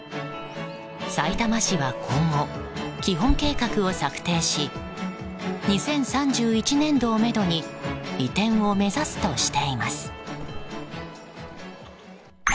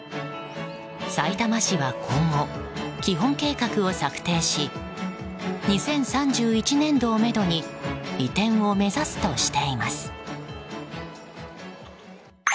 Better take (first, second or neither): second